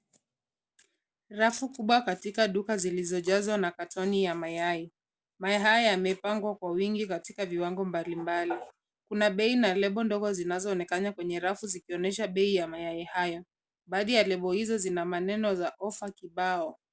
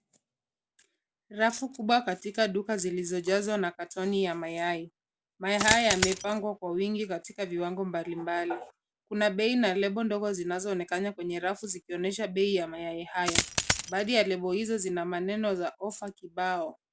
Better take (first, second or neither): first